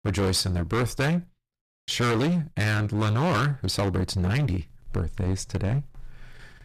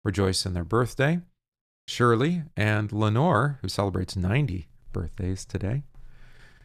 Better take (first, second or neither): second